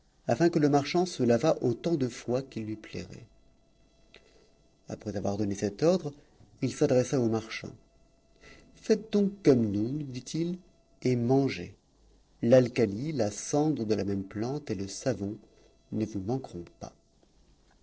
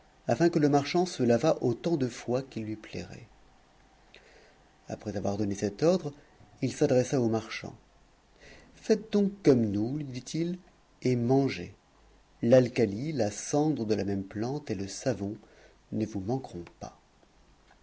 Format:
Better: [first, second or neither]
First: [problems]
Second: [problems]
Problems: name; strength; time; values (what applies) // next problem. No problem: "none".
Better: second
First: noise reduction (neural separator model SepFormer DNS4)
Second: none